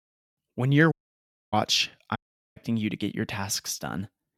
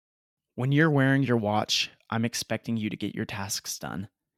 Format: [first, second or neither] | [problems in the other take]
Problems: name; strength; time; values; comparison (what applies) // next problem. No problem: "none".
second | audio cutting out; at 1 s for 0.5 s and at 2 s